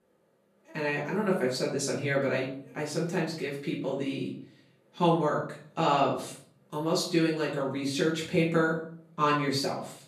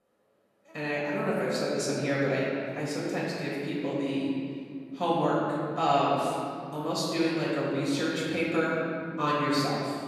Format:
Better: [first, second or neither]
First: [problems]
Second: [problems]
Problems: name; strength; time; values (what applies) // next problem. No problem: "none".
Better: first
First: room echo; slight; dies away in 0.5 s // off-mic speech; far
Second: room echo; strong; dies away in 2.5 s // off-mic speech; far